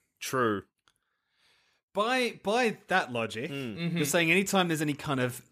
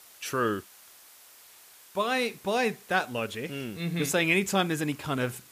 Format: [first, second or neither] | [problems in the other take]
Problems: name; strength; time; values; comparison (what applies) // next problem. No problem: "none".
first | hiss; faint; throughout; 20 dB below the speech